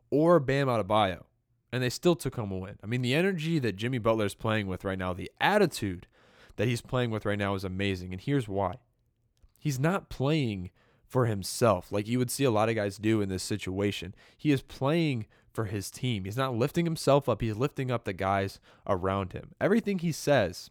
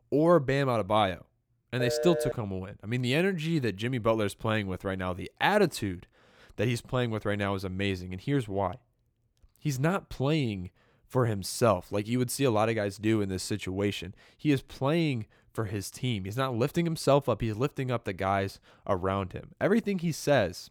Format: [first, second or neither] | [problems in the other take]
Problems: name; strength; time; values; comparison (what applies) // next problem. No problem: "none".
first | phone ringing; noticeable; at 2 s; peak 1 dB below the speech